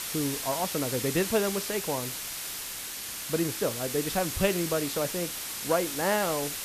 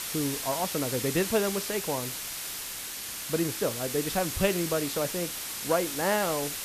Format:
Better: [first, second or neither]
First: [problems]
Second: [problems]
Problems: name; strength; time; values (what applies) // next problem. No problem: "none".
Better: neither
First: hiss; loud; throughout; 3 dB below the speech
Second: hiss; loud; throughout; 3 dB below the speech